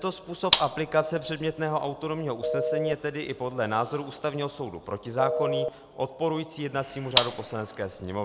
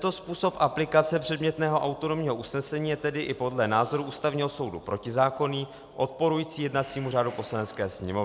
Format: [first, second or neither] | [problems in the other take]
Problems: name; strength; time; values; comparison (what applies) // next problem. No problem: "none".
second | background sound (Telephone + Gunshot, gunfire); as loud as the speech